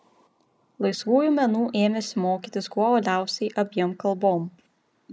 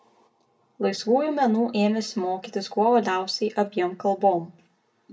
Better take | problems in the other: first | room echo; dies away in 0.2 s

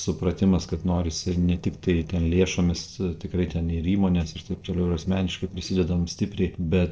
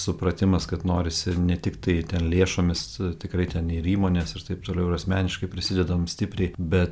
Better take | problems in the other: second | noise reduction (neural separator model SepFormer DNS4)

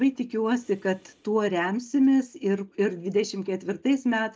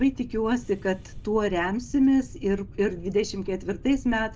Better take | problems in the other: first | background sound (Boat, Water vehicle); 14 dB below the speech

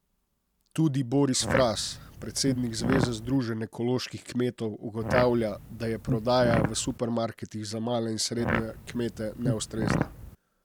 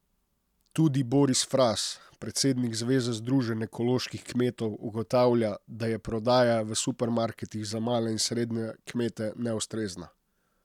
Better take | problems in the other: second | background sound (Fart); 3 dB below the speech

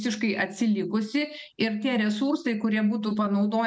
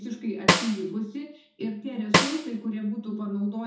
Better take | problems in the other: first | background sound (Snare drum); 3 dB above the speech // room echo; dies away in 0.5 s

